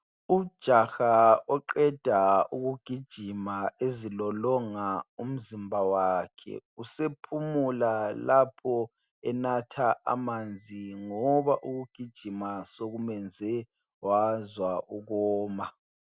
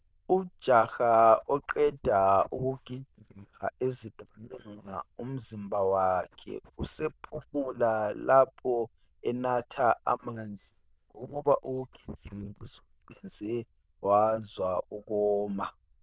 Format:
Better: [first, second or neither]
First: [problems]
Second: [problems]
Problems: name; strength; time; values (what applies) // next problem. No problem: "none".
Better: first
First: none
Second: noise reduction (neural diffusion model UNIVERSE++)